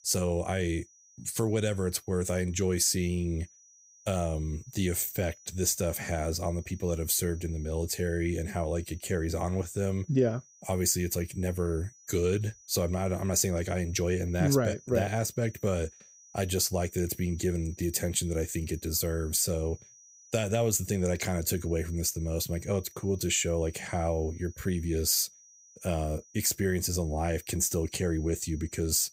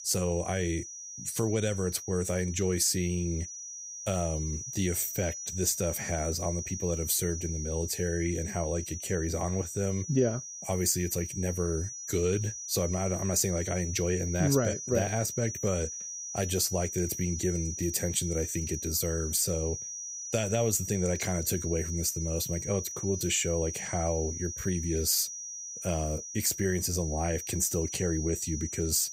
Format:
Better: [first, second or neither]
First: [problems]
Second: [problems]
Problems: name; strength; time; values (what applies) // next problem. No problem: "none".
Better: first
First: high-pitched whine; faint; throughout; 6 kHz, 25 dB below the speech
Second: high-pitched whine; loud; throughout; 6 kHz, 7 dB below the speech